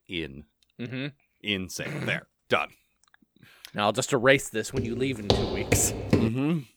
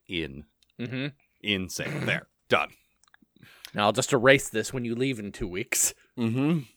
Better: second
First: footsteps; loud; from 5 s on; peak 2 dB above the speech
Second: none

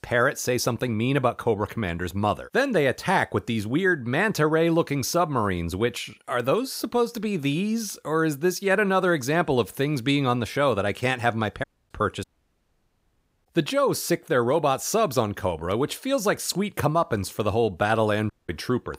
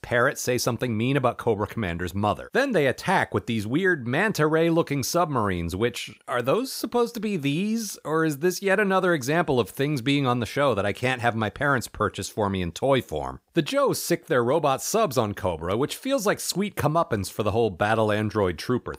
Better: second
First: audio cutting out; at 12 s for 1 s and at 18 s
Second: none

